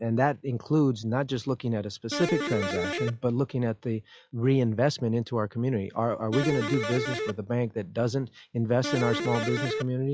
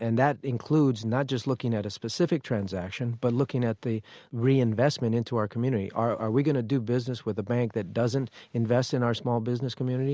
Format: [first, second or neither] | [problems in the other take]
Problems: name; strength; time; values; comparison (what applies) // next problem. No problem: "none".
second | noise reduction (classical method log-MMSE)